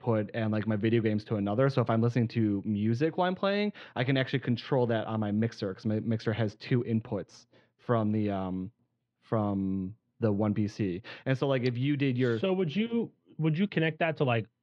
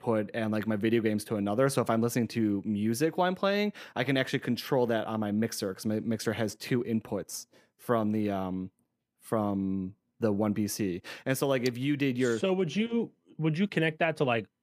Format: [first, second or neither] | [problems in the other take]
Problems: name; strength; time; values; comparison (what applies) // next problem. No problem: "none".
second | muffled; very slightly; fading above 4 kHz